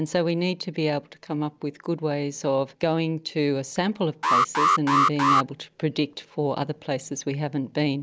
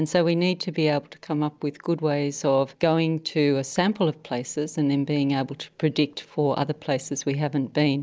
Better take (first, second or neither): second